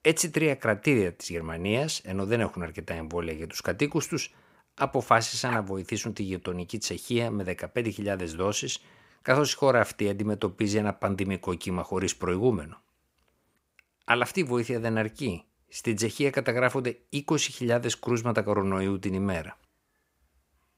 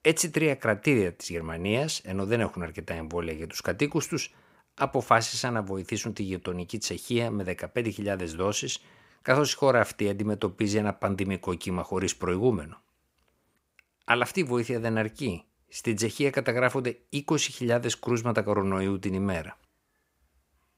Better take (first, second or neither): second